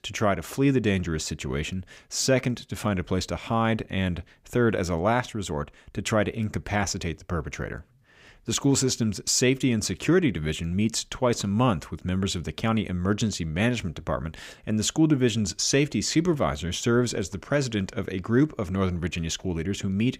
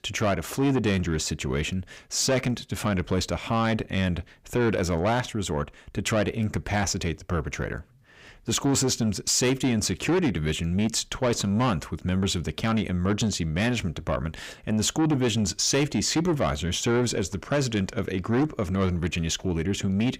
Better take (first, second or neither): first